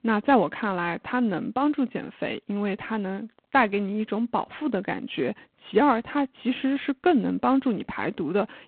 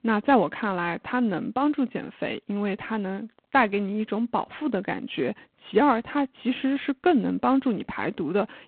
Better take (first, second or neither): neither